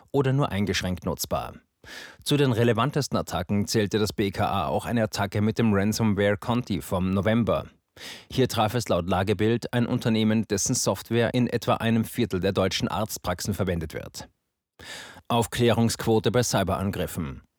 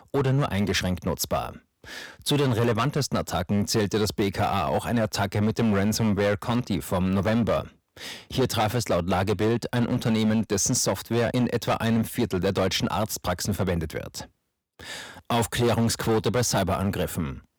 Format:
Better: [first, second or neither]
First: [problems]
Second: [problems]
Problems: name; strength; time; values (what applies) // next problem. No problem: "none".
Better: first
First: none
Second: distortion; slight; 10% of the sound clipped